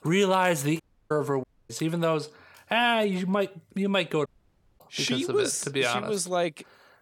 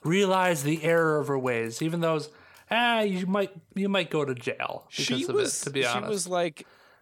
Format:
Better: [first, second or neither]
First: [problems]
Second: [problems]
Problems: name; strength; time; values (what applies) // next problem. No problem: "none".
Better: second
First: audio cutting out; at 1 s, at 1.5 s and at 4.5 s for 0.5 s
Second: none